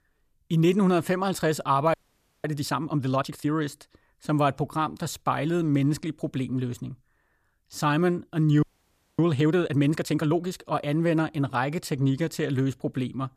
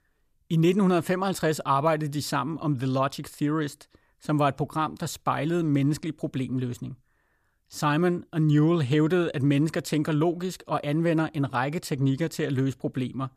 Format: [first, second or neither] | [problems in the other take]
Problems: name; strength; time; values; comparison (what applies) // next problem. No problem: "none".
second | audio freezing; at 2 s for 0.5 s and at 8.5 s for 0.5 s